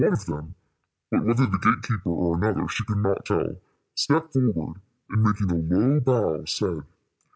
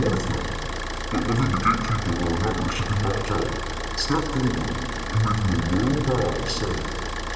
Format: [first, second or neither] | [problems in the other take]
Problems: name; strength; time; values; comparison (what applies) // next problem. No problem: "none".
first | background sound (Idling / Car); 4 dB below the speech // room echo; dies away in 2.4 s